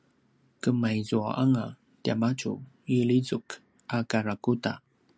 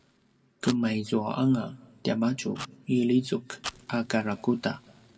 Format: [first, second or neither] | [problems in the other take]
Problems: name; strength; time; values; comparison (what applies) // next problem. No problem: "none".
first | background sound (Fire); 18 dB below the speech // room echo; dies away in 1.9 s